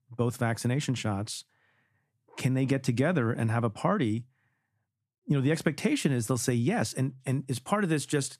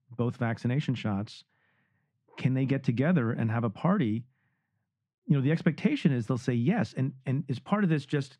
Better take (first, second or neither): first